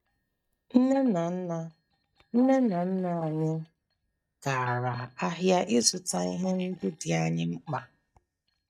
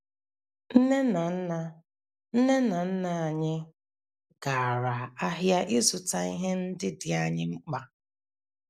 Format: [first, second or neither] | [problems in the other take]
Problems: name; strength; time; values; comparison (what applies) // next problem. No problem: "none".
second | noise reduction (neural mask model DeepFilterNet 3)